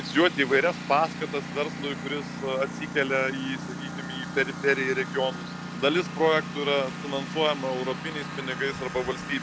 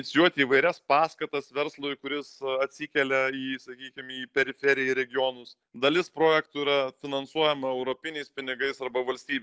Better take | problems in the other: second | background sound (Engine); 8 dB below the speech

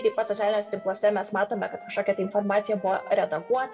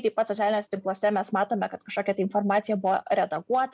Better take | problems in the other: second | background sound (Wind instrument, woodwind instrument); 19 dB below the speech // room echo; dies away in 1.6 s

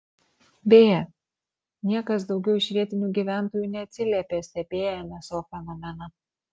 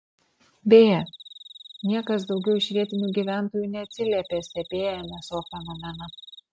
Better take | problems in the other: first | background sound (Cricket); 20 dB below the speech

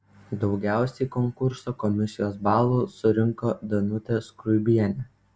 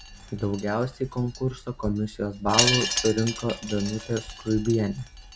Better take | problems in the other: first | background sound (Wind chime); 5 dB below the speech

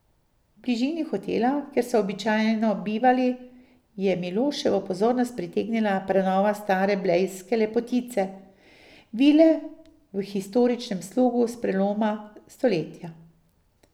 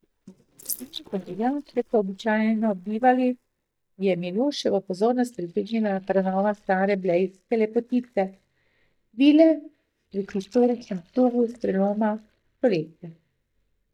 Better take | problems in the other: first | noise reduction (neural mask model DeepFilterNet 3)

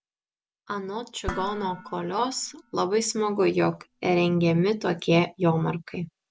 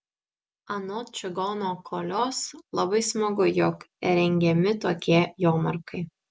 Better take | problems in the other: second | background sound (Dishes, pots, and pans); 16 dB below the speech

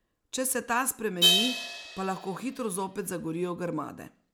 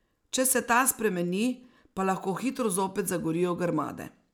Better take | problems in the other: second | background sound (Crash cymbal); as loud as the speech

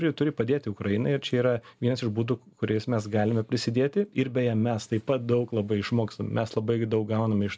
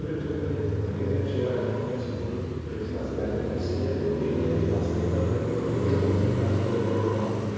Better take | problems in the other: first | background sound (Car passing by); 4 dB above the speech // room echo; dies away in 2.2 s

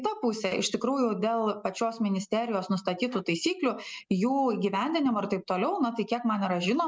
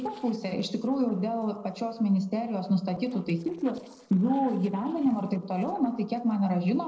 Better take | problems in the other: first | noise reduction (neural separator model SepFormer DNS4)

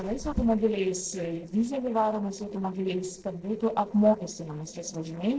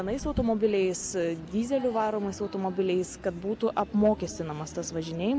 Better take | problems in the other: second | noise reduction (neural separator model SepFormer DNS4)

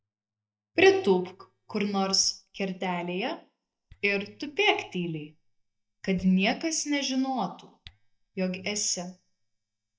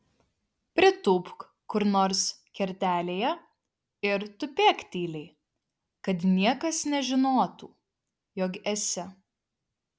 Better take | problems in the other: second | noise reduction (neural mask model DeepFilterNet 3)

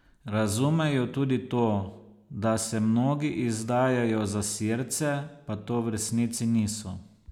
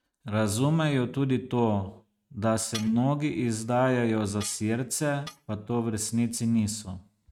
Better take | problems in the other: first | noise reduction (neural mask model RNNoise)

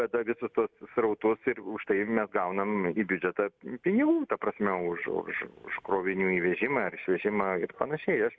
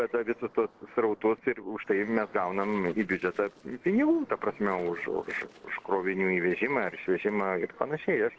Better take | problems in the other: first | noise reduction (neural separator model SepFormer DNS4)

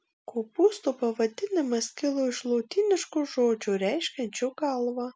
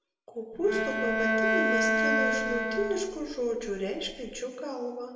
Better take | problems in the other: first | background sound (Bowed string instrument); 4 dB above the speech // room echo; dies away in 1.1 s

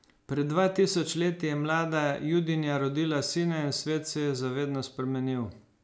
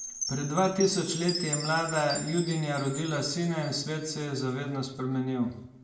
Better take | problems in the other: first | background sound (Chime); 10 dB below the speech // room echo; dies away in 0.6 s

